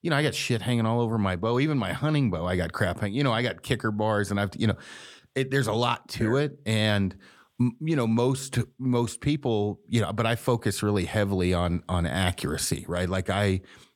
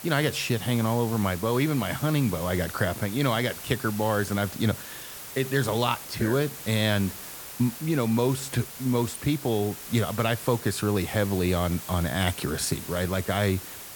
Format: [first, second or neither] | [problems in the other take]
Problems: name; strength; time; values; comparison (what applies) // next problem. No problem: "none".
first | hiss; noticeable; throughout; 10 dB below the speech